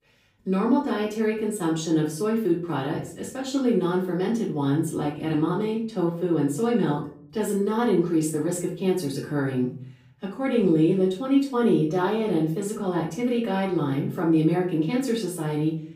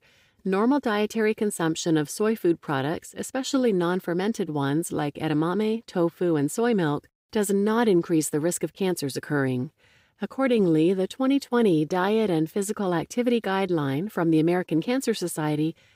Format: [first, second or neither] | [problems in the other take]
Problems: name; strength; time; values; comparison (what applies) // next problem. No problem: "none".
second | off-mic speech; far // room echo; slight; dies away in 0.4 s